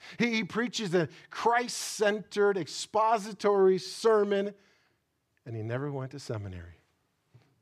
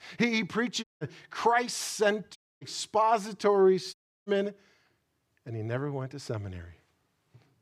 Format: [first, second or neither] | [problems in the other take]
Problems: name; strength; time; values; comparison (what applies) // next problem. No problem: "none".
first | audio cutting out; at 1 s, at 2.5 s and at 4 s